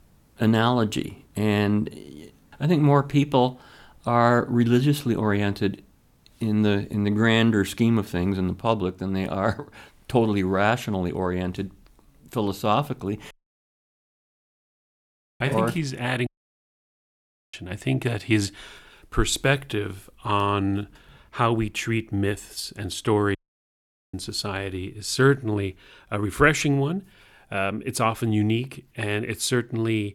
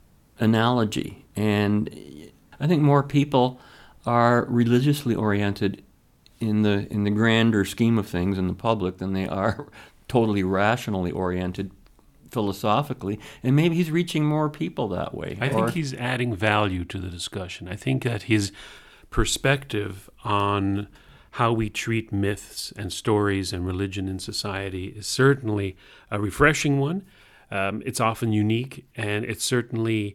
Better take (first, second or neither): second